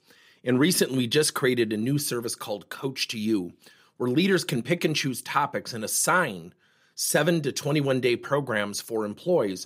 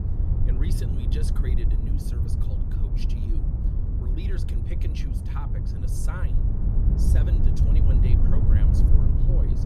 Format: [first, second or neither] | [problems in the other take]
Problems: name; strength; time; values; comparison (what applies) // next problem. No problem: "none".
first | wind noise on the microphone; heavy; 4 dB above the speech